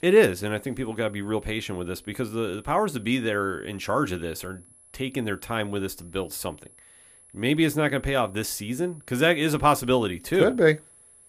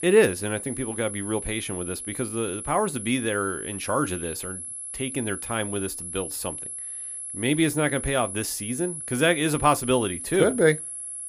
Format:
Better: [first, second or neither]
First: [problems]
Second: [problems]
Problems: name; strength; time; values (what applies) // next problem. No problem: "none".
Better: first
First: high-pitched whine; faint; throughout; 11 kHz, 25 dB below the speech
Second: high-pitched whine; loud; throughout; 11 kHz, 7 dB below the speech